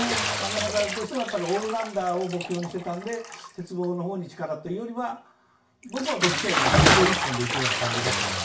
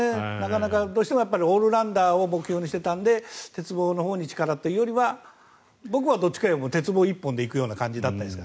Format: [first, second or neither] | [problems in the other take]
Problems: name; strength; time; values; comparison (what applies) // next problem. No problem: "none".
second | background sound (Bathtub (filling or washing) / Splash, splatter); 2 dB above the speech // room echo; dies away in 0.3 s